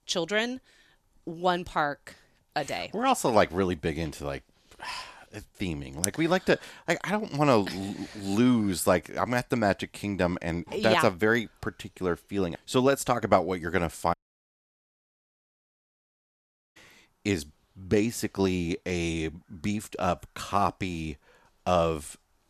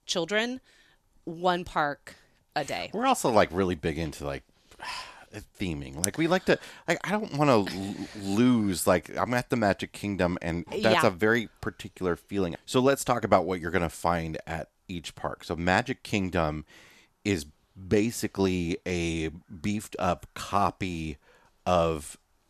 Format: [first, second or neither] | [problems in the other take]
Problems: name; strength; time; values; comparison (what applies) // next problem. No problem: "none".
second | audio cutting out; at 14 s for 2.5 s